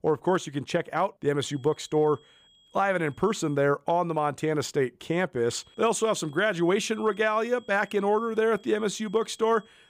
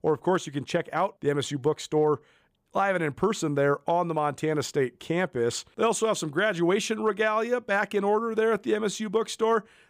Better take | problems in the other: second | high-pitched whine; faint; from 1.5 to 3.5 s and from 5.5 s on; 3.5 kHz, 30 dB below the speech

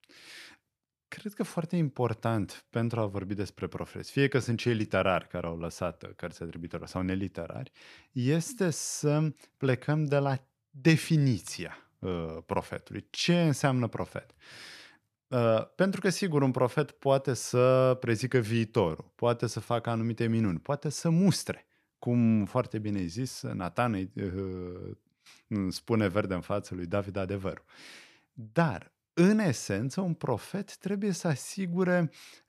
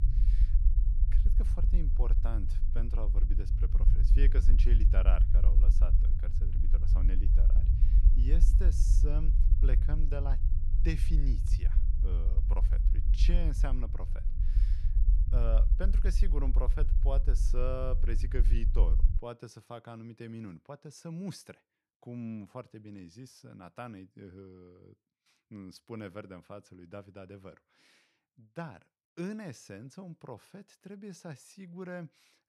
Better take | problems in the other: first | low rumble; loud; until 19 s; 6 dB below the speech

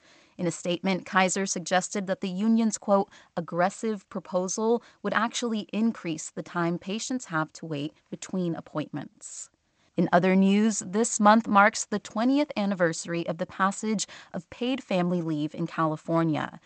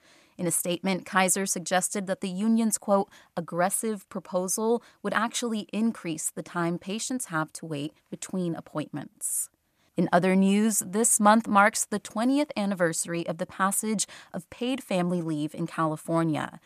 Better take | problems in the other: second | garbled, watery; slightly; nothing above 8 kHz

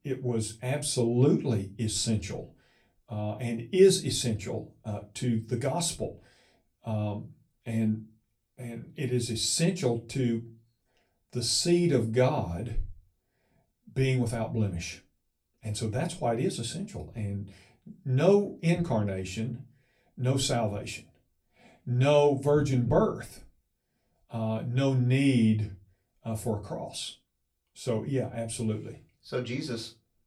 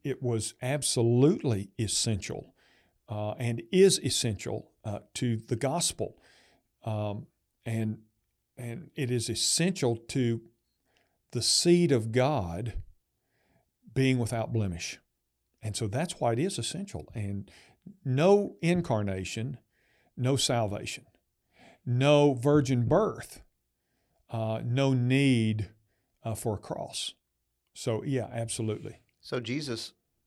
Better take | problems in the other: second | off-mic speech; far // room echo; very slight; dies away in 0.2 s

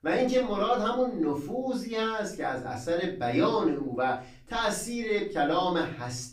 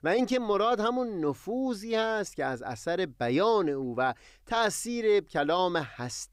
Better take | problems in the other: second | room echo; slight; dies away in 0.4 s // off-mic speech; far

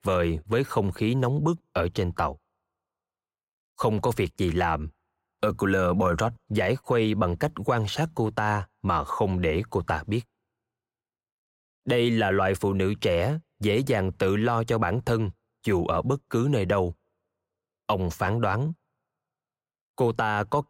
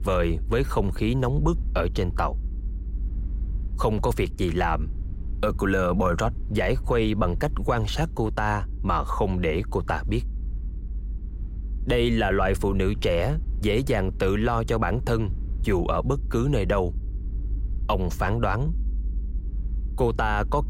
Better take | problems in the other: first | low rumble; faint; throughout; 25 dB below the speech

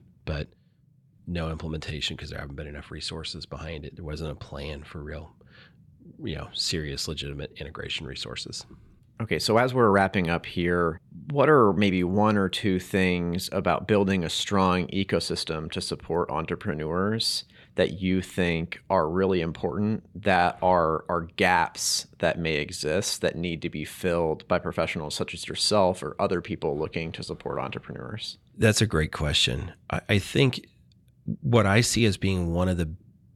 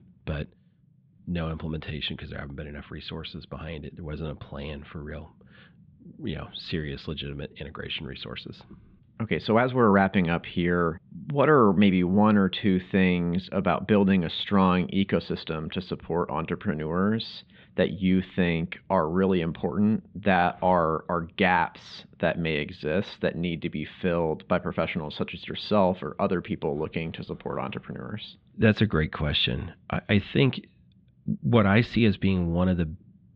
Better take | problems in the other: first | muffled; very; fading above 3.5 kHz

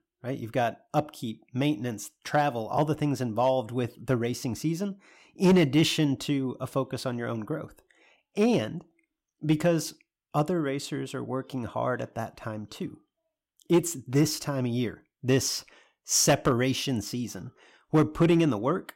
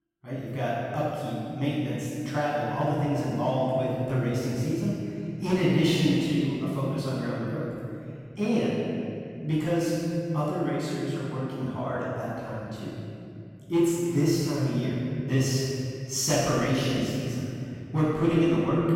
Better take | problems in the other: first | off-mic speech; far // room echo; strong; dies away in 2.7 s

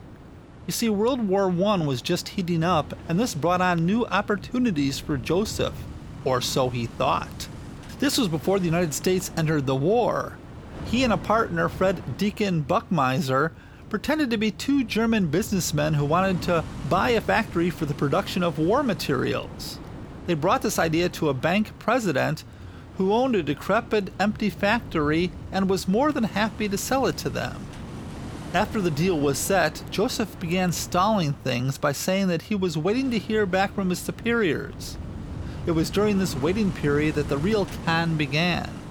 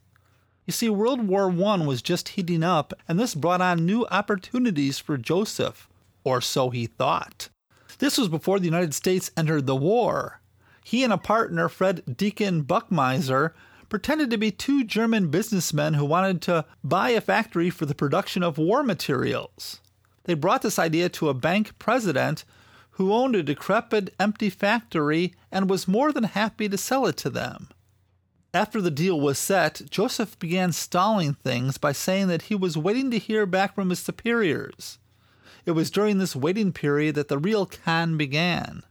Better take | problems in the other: second | wind noise on the microphone; occasional gusts; 20 dB below the speech

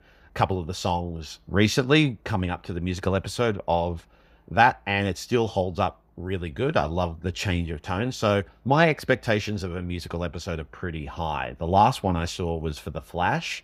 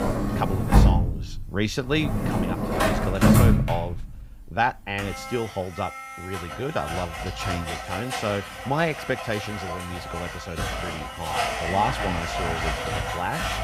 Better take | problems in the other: first | household noises; very loud; throughout; 3 dB above the speech

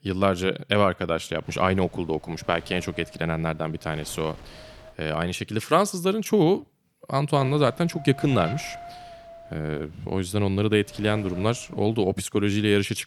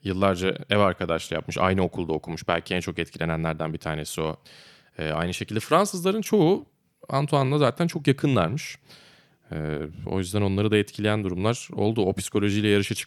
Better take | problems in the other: second | wind noise on the microphone; occasional gusts; from 1.5 to 5 s and from 7.5 to 12 s; 15 dB below the speech

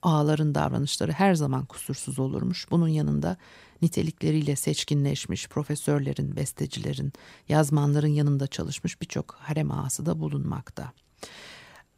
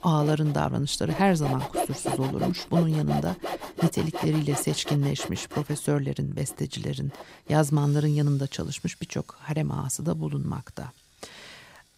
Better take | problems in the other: first | machinery noise; loud; throughout; 8 dB below the speech

